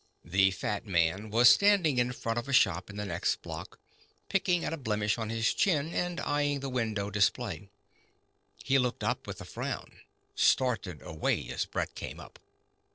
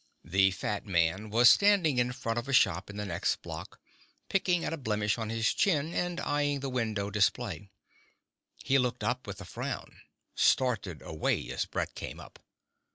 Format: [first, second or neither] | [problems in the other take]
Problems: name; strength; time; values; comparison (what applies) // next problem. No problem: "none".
second | noise reduction (neural separator model SepFormer DNS4)